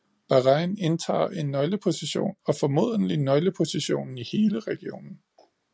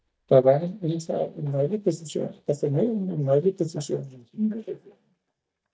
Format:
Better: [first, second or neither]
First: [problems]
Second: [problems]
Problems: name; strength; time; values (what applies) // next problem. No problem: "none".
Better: first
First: none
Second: noise reduction (neural mask model DeepFilterNet 3)